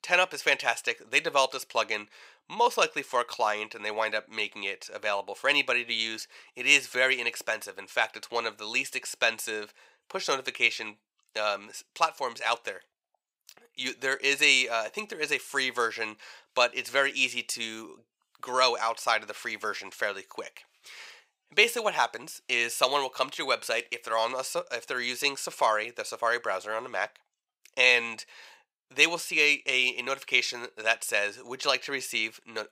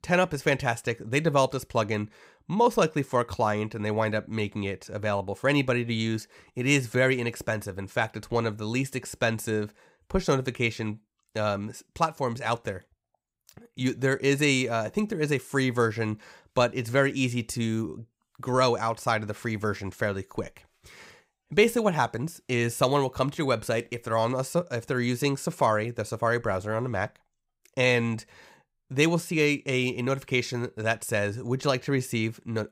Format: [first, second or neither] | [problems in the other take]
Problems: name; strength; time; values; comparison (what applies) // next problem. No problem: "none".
second | thin; very; fading below 650 Hz